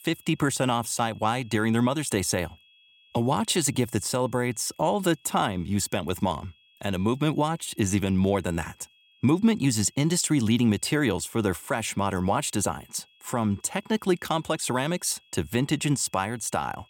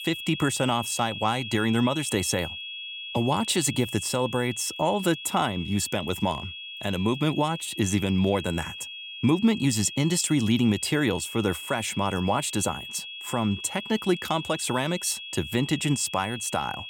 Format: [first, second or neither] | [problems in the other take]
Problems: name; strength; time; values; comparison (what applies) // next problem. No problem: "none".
first | high-pitched whine; loud; throughout; 3.5 kHz, 9 dB below the speech; faint in the first